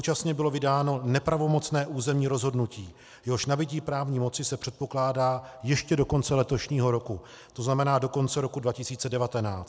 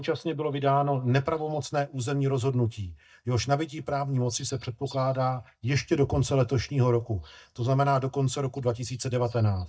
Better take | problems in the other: first | noise reduction (neural mask model DeepFilterNet 3)

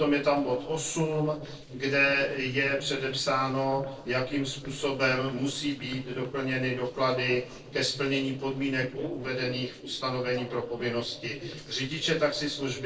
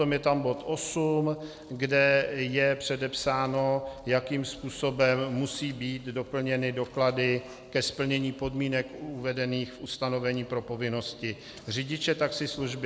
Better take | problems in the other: second | noise reduction (neural separator model SepFormer DNS4)

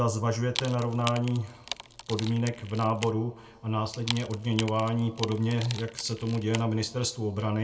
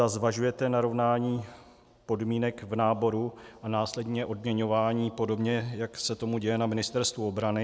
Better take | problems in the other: second | background sound (Wood); 12 dB below the speech // room echo; dies away in 0.2 s

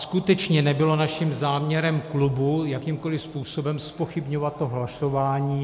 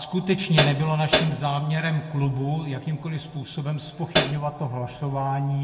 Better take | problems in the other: first | background sound (Hi-hat); 1 dB above the speech // room echo; dies away in 1.4 s

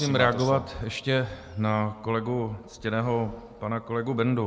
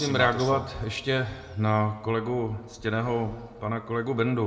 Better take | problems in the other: first | room echo; dies away in 1.1 s

